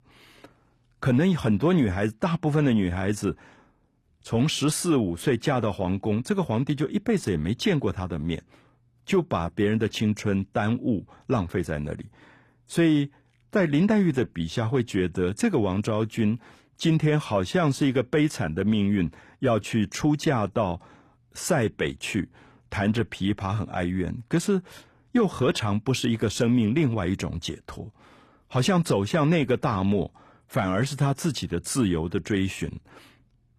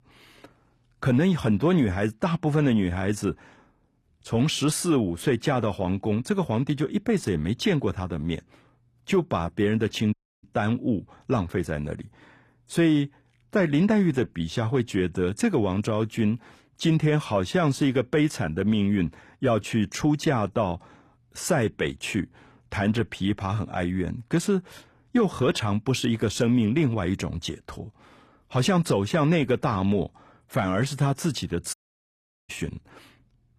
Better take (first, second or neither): first